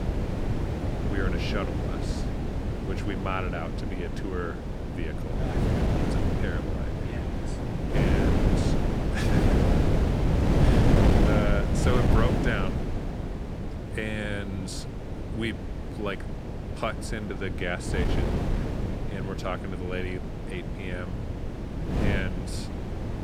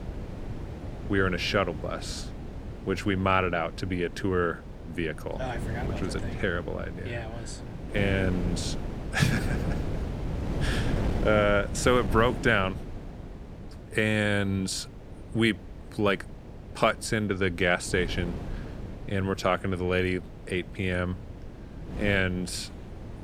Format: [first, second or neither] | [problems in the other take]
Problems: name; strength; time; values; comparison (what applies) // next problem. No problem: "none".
second | wind noise on the microphone; heavy; 1 dB above the speech; occasional gusts in the second